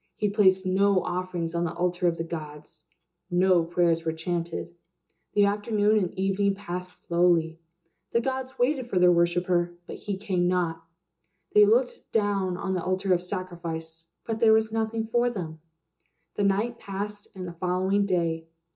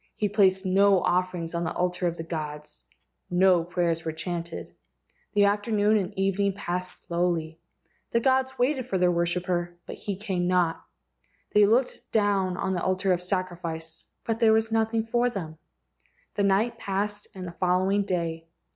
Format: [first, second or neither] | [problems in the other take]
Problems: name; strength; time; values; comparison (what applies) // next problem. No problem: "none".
second | room echo; dies away in 0.2 s